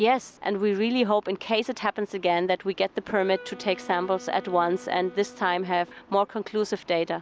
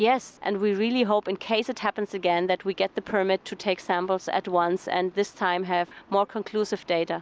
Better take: second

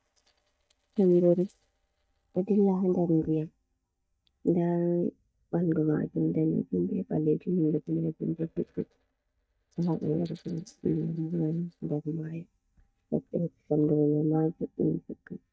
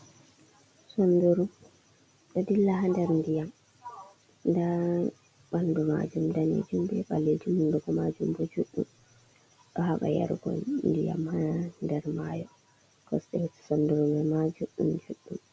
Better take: second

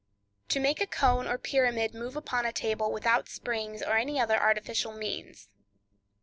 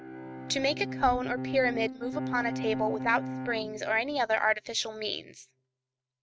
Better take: first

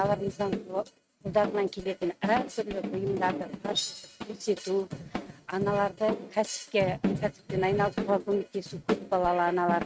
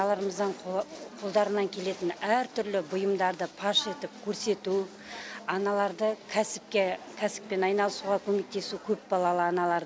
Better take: second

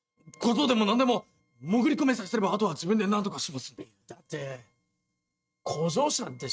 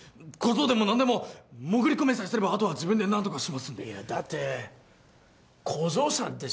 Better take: second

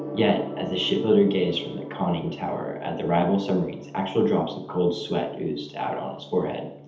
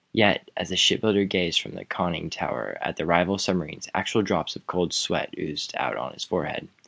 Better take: second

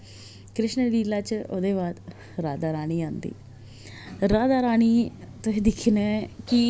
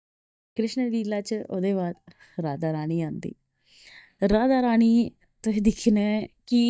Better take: first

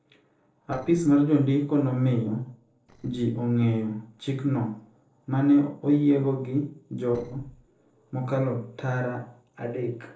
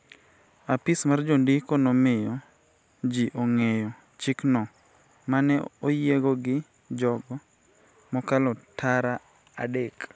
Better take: second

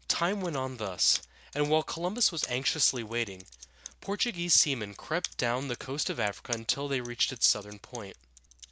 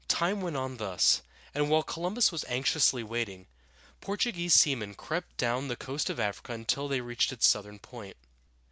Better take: second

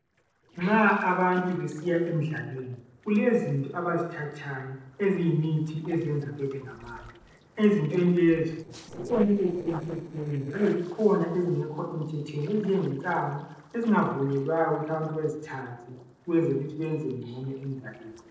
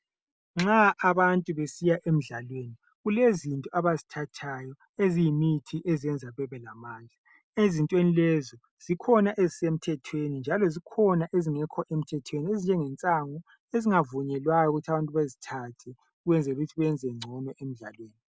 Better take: second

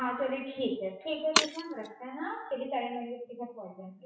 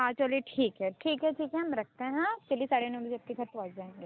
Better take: second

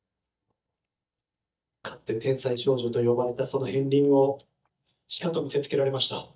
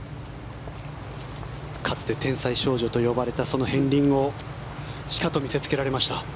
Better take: second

